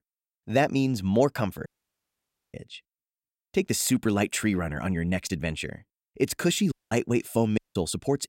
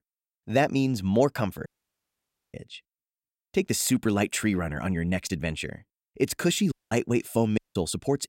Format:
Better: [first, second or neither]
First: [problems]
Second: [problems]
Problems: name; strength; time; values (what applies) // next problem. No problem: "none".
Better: neither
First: audio cutting out; at 1.5 s for 1 s, at 6.5 s and at 7.5 s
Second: audio cutting out; at 1.5 s for 1 s, at 6.5 s and at 7.5 s